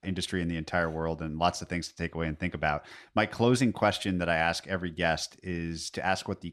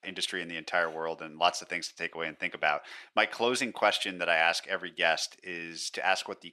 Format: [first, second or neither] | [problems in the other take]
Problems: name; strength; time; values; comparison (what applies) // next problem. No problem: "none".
first | thin; somewhat; fading below 500 Hz